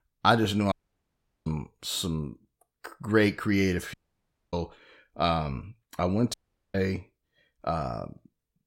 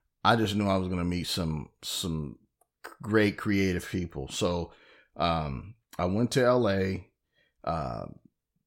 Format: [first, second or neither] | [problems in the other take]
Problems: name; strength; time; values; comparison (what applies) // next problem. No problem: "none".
second | audio cutting out; at 0.5 s for 0.5 s, at 4 s for 0.5 s and at 6.5 s